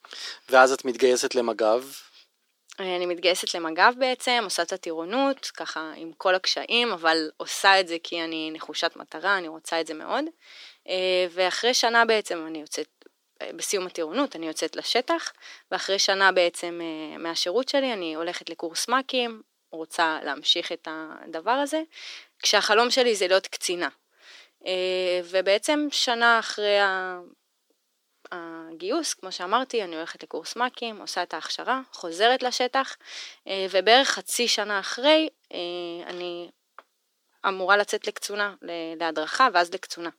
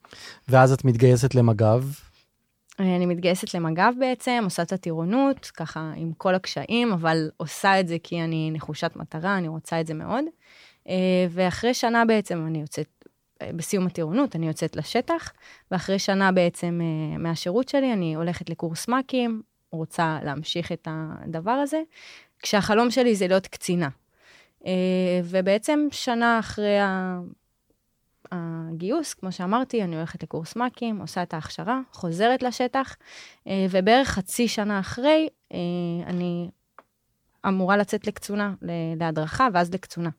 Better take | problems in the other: second | thin; somewhat; fading below 300 Hz

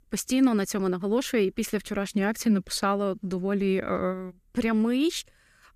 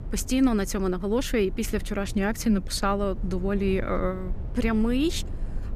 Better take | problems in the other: first | low rumble; faint; throughout; 20 dB below the speech

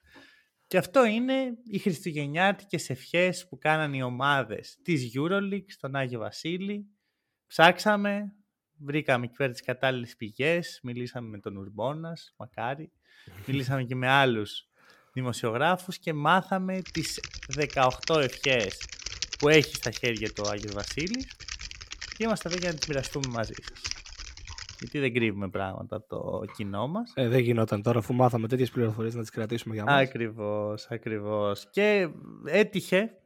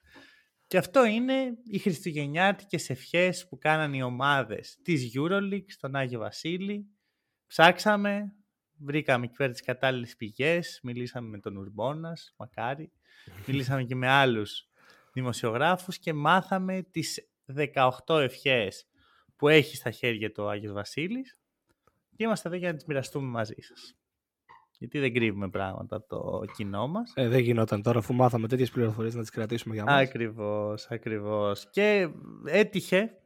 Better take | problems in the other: second | keyboard typing; noticeable; from 17 to 25 s; peak 4 dB below the speech

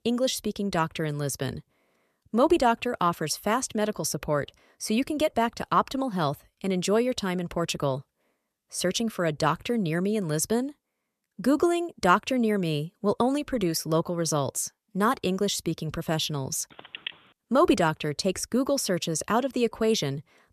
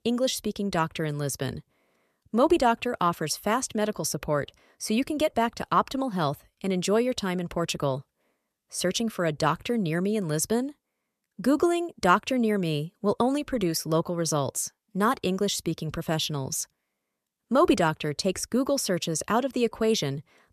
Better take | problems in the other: second | phone ringing; faint; at 17 s; peak 10 dB below the speech

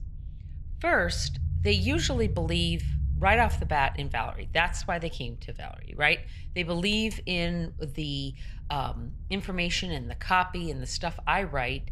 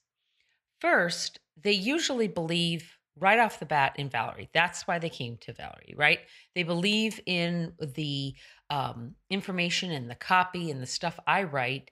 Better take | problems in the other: second | low rumble; faint; throughout; 25 dB below the speech

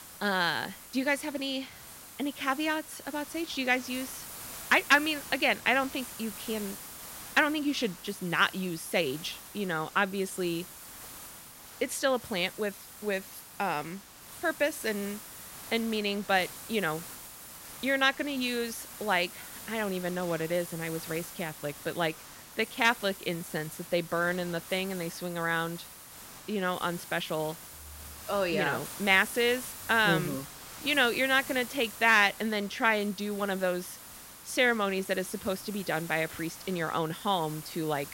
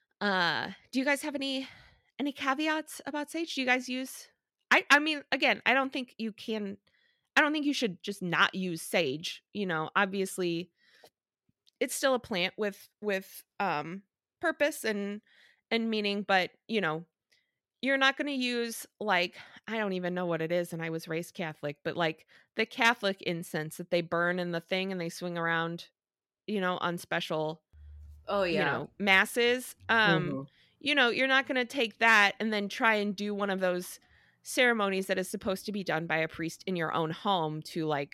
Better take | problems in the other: second | hiss; noticeable; throughout; 15 dB below the speech

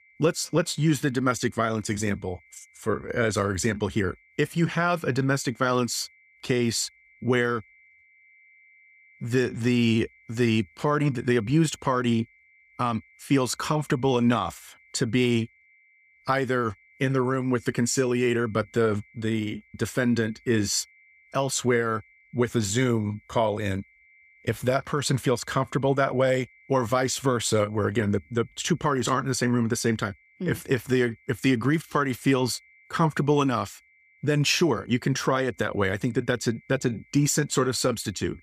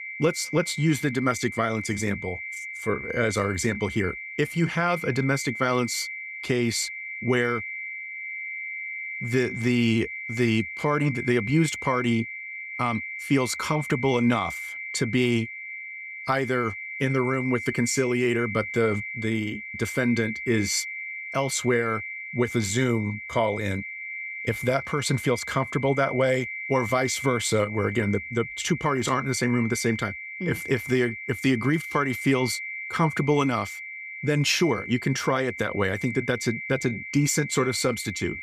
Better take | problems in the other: first | high-pitched whine; loud; throughout; 2 kHz, 8 dB below the speech; faint in the first

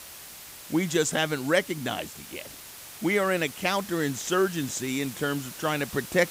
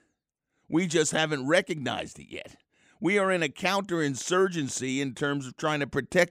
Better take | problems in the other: second | hiss; noticeable; throughout; 15 dB below the speech

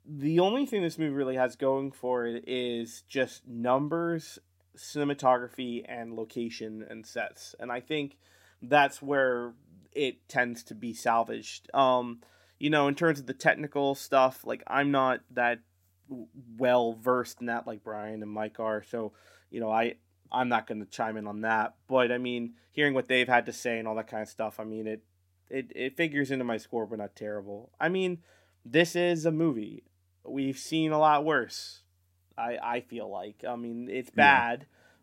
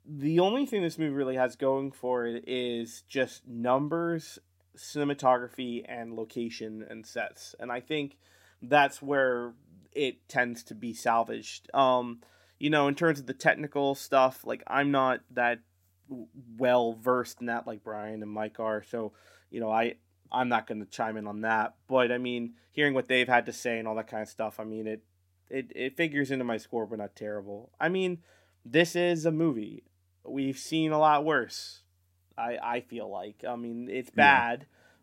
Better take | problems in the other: neither | none

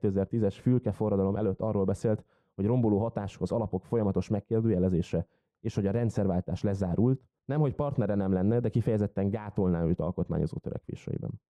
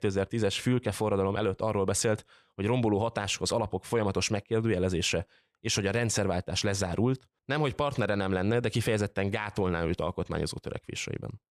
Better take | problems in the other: second | muffled; very; fading above 1.5 kHz

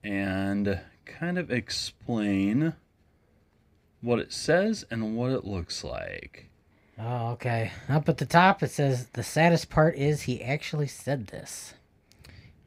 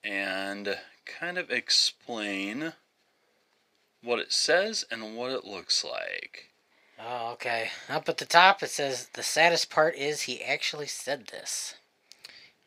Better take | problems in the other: first | thin; very; fading below 500 Hz

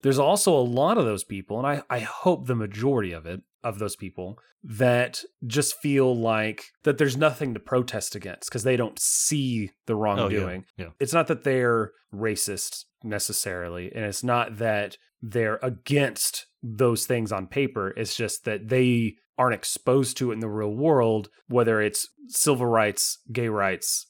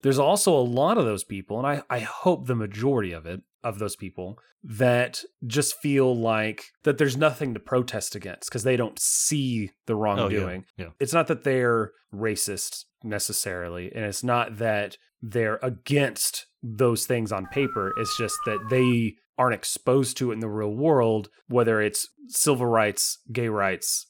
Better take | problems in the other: first | dog barking; noticeable; from 17 to 19 s; peak 6 dB below the speech

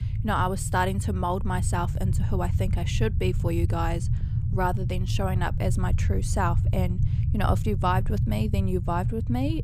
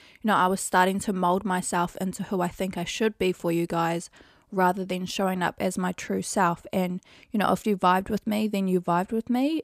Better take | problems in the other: second | low rumble; noticeable; throughout; 10 dB below the speech

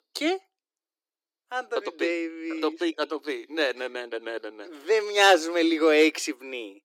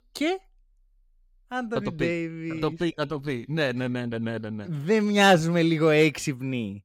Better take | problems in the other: second | thin; very; fading below 300 Hz

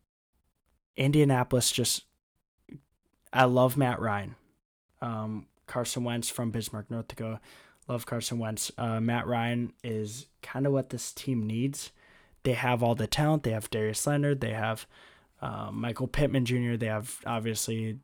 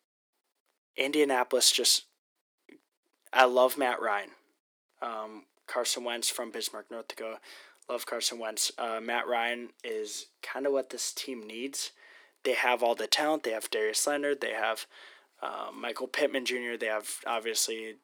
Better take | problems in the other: first | thin; very; fading below 350 Hz

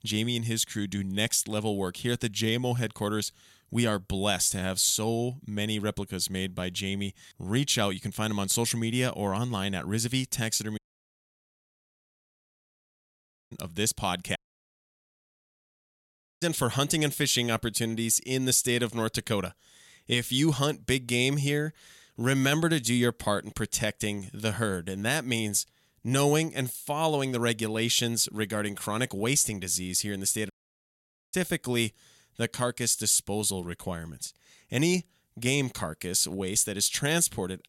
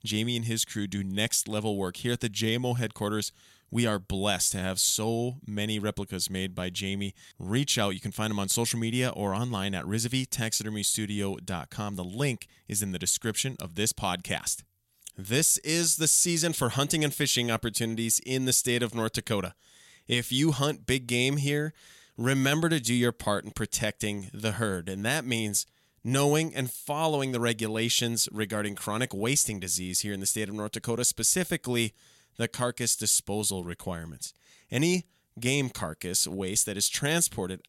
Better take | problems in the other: second | audio cutting out; at 11 s for 2.5 s, at 14 s for 2 s and at 31 s for 1 s

